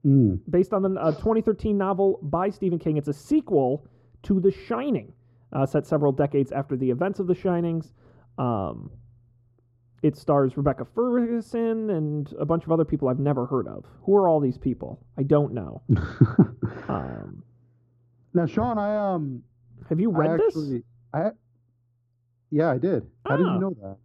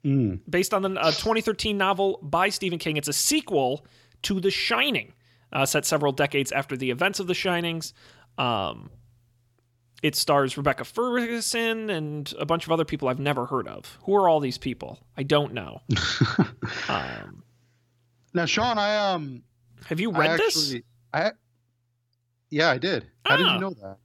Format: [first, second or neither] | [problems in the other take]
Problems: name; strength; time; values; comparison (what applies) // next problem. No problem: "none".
second | muffled; very; fading above 1 kHz